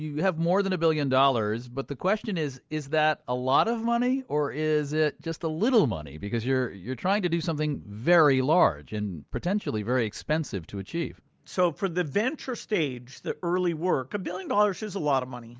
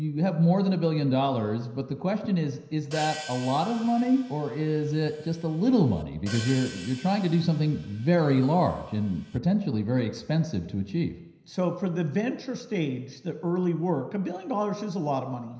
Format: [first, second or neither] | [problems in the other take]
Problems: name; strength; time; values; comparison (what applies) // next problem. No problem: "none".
first | background sound (Hi-hat); 17 dB below the speech // room echo; dies away in 0.9 s